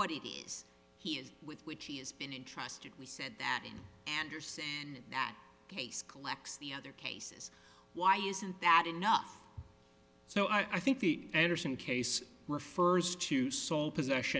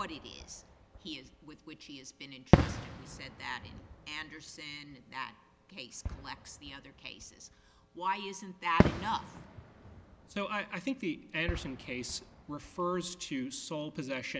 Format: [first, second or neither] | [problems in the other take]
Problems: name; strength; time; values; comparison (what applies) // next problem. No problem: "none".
first | background sound (Fireworks); 2 dB above the speech